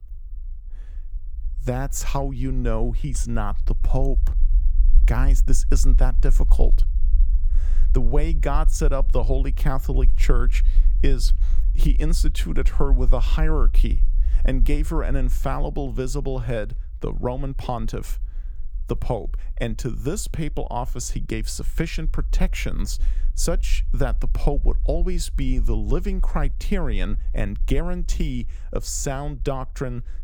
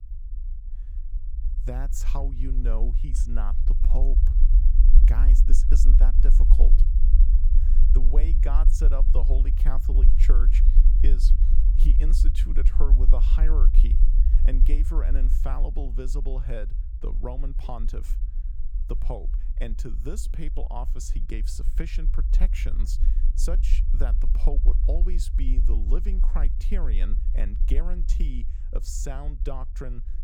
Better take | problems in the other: first | low rumble; loud; throughout; 7 dB below the speech; faint in the first

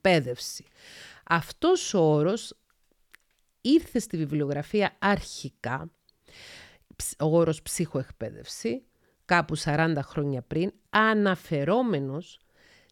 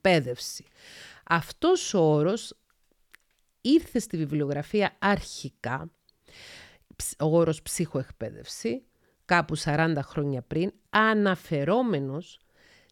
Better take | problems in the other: neither | none

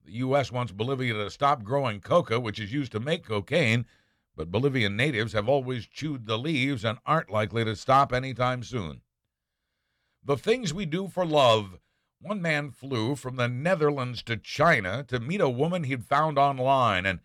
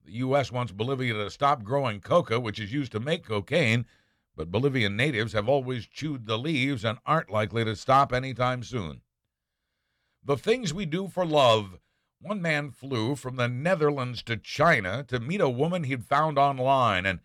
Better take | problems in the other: neither | none

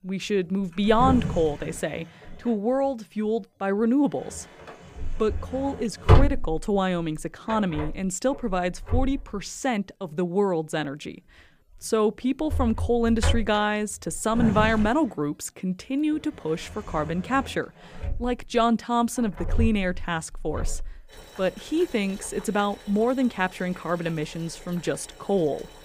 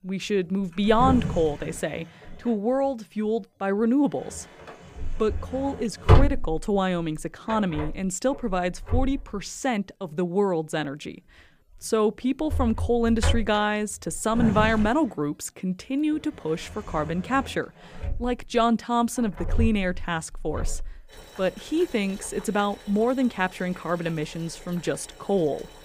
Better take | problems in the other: neither | household noises; loud; throughout; 4 dB below the speech; the same in both

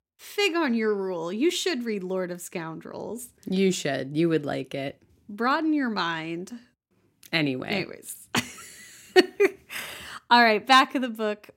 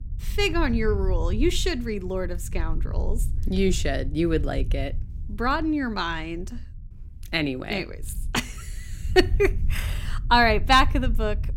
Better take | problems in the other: first | low rumble; faint; throughout; 25 dB below the speech

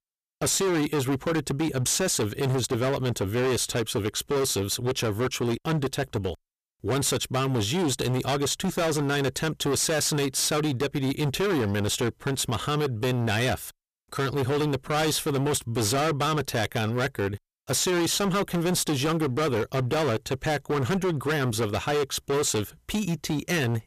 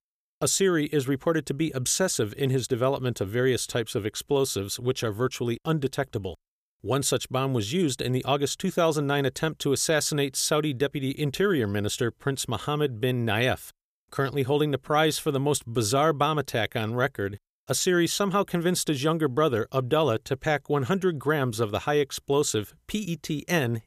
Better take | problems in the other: second | distortion; heavy; 25% of the sound clipped

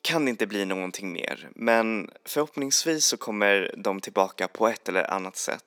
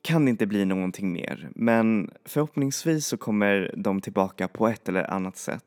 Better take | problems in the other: second | thin; somewhat; fading below 400 Hz

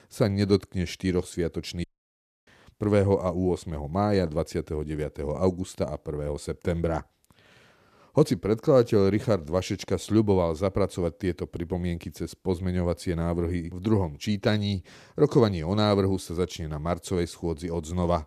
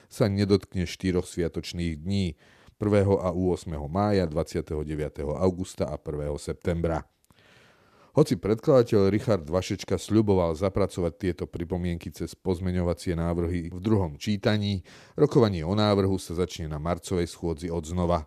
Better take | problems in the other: second | audio cutting out; at 2 s for 0.5 s

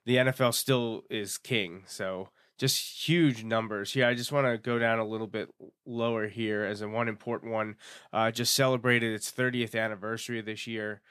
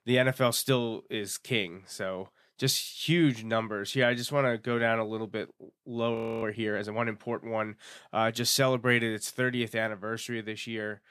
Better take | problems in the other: first | audio freezing; at 6 s

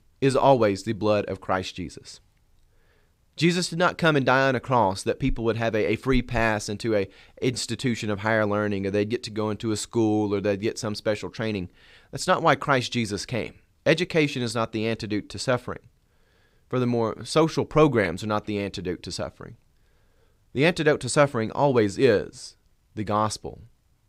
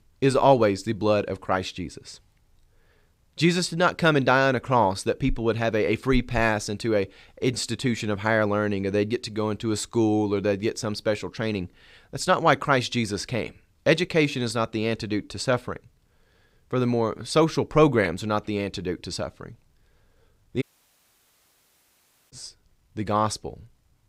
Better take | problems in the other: first | audio cutting out; at 21 s for 1.5 s

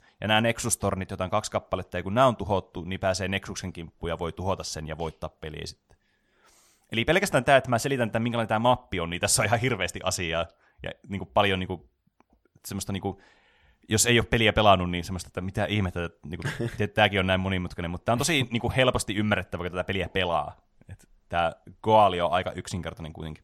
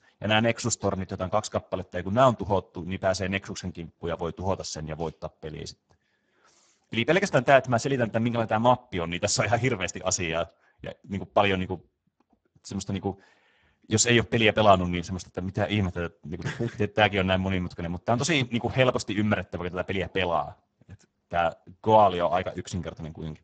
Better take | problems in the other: first | garbled, watery; badly; nothing above 7.5 kHz

